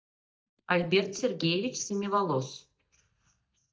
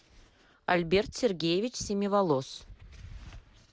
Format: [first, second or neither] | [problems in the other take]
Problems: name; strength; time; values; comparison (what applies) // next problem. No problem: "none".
second | noise reduction (neural mask model DeepFilterNet 3)